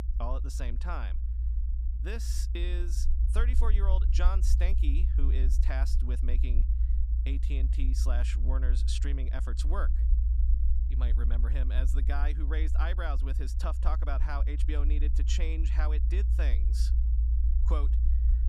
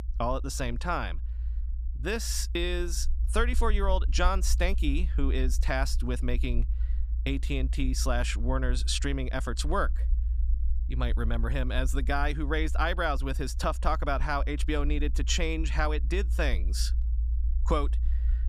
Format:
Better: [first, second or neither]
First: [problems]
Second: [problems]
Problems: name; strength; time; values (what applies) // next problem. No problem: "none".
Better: second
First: low rumble; loud; throughout; 8 dB below the speech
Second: low rumble; faint; throughout; 20 dB below the speech